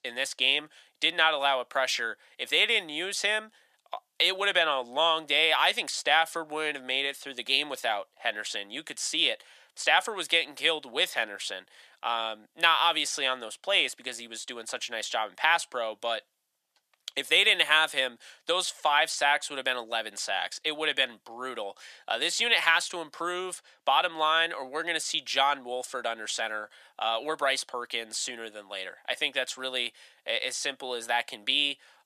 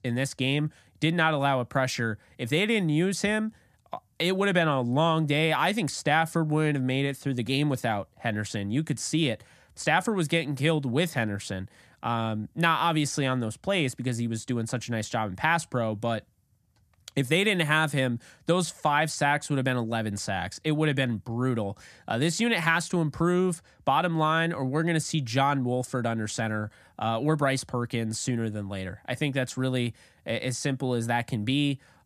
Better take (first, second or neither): second